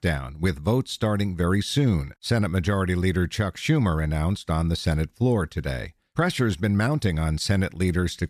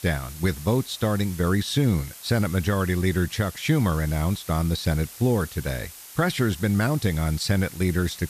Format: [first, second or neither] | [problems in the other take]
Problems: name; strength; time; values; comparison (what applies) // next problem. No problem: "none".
first | hiss; noticeable; throughout; 15 dB below the speech